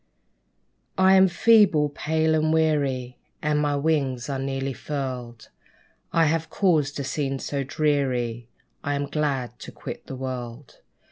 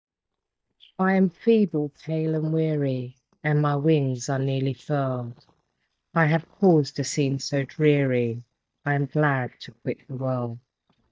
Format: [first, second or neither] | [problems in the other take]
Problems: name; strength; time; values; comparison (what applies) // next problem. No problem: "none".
first | noise reduction (neural mask model DeepFilterNet 3)